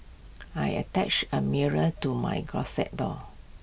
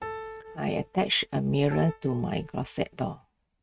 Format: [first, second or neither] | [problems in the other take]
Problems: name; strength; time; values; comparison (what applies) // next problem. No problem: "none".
first | noise reduction (neural mask model RNNoise)